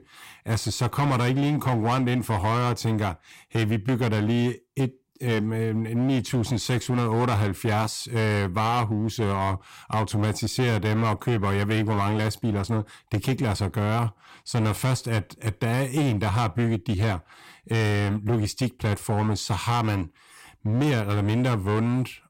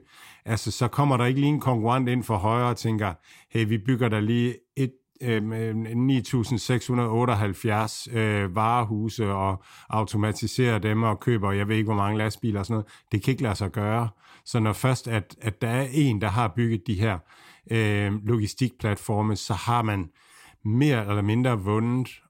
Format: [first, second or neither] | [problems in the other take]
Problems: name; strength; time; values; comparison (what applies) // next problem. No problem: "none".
second | distortion; slight; 14% of the sound clipped